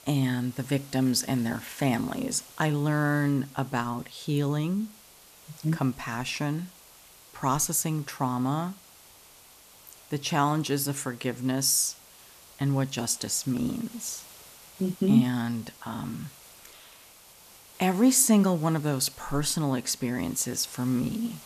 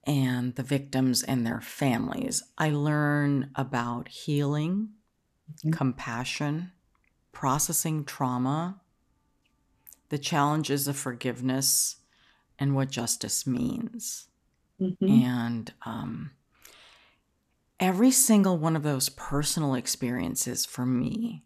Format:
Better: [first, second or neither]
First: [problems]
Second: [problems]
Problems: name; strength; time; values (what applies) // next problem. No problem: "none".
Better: second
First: hiss; faint; throughout; 20 dB below the speech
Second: none